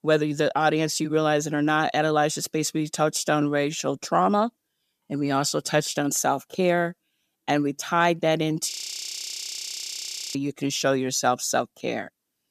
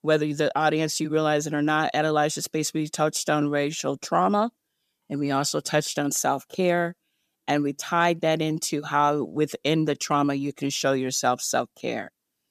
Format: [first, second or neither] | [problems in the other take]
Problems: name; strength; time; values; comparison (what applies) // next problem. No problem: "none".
second | audio freezing; at 8.5 s for 1.5 s